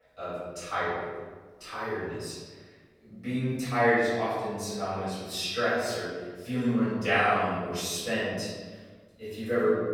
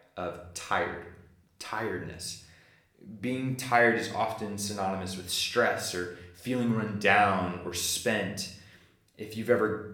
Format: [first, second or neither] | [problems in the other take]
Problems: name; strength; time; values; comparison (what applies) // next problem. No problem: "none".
second | room echo; strong; dies away in 1.3 s; slight in the second // off-mic speech; far